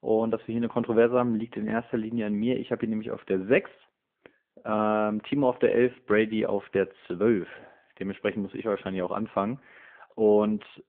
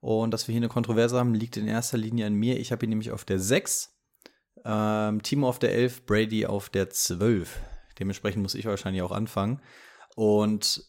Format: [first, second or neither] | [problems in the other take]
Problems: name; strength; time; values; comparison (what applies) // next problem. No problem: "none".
second | phone-call audio